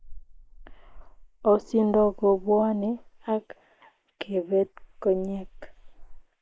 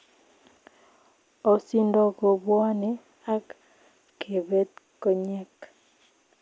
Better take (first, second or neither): second